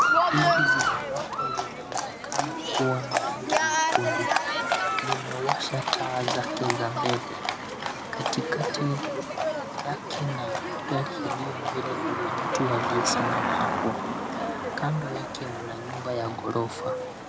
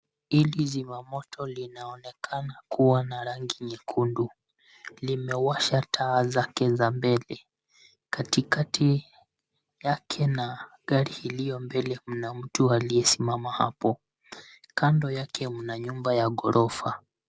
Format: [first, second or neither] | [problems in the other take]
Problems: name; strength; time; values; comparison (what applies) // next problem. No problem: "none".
second | background sound (Livestock, farm animals, working animals); 5 dB above the speech